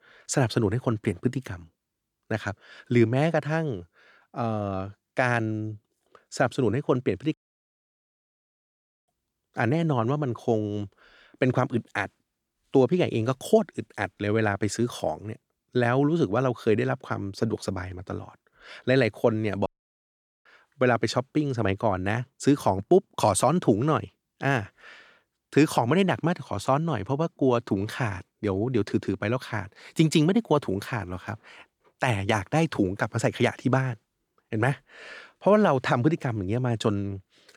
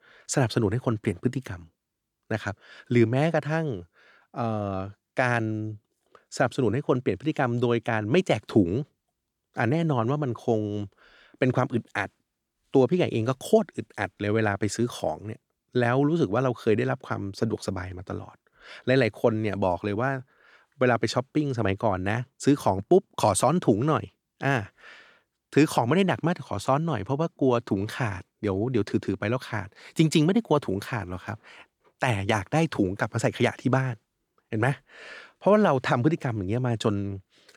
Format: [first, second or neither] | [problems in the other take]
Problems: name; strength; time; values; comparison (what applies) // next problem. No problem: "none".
second | audio cutting out; at 7.5 s for 1.5 s and at 20 s for 1 s